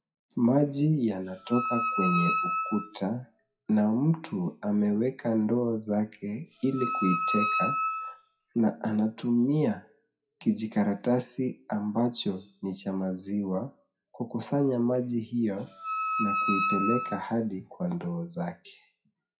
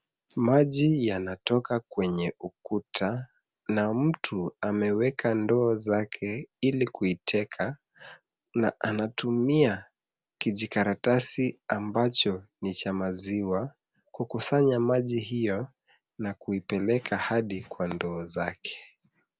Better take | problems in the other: second | noise reduction (classical method WPE with log-MMSE)

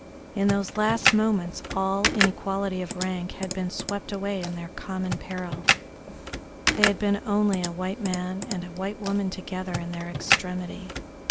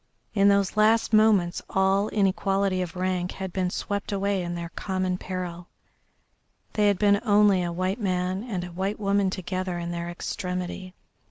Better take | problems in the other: second | background sound (Computer keyboard); 2 dB below the speech

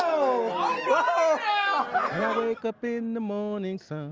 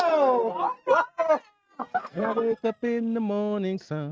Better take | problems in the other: first | noise reduction (neural mask model RNNoise)

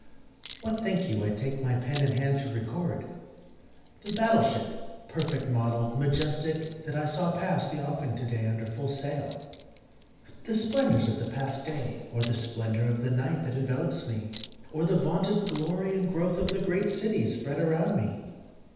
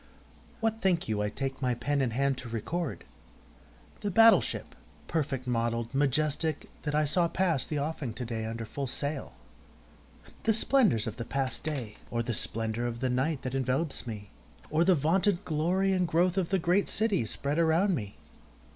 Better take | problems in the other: second | background sound (Chink, clink); 15 dB below the speech // room echo; dies away in 1.1 s

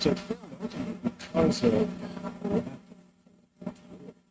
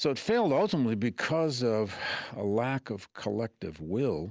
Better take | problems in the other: second | noise reduction (neural mask model RNNoise)

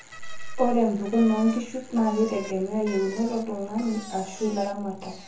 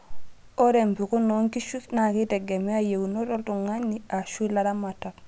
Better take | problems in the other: second | background sound (Bicycle); 18 dB below the speech // room echo; dies away in 0.6 s

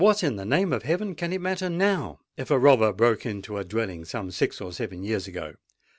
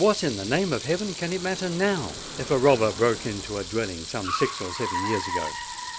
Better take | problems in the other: first | background sound (Sink (filling or washing) / Water tap, faucet + Car); 8 dB below the speech

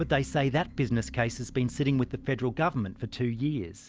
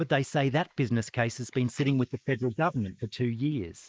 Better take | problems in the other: first | noise reduction (neural mask model Resemble Enhance denoiser)

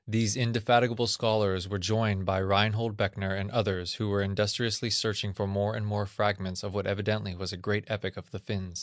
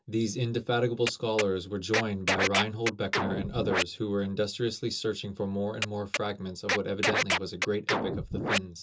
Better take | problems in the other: first | background sound (Scratching (performance technique)); 2 dB below the speech // room echo; dies away in 0.2 s

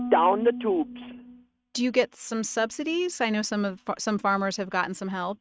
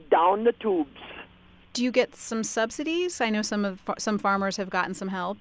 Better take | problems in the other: second | noise reduction (neural mask model RNNoise)

